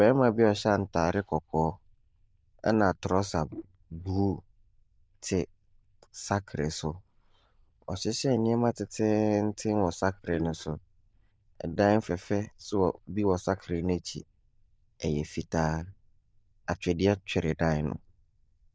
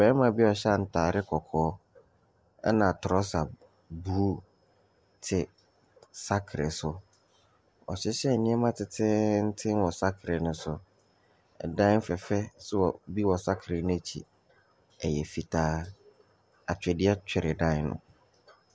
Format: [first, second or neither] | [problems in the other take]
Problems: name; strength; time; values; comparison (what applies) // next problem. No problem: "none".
second | noise reduction (neural diffusion model UNIVERSE++)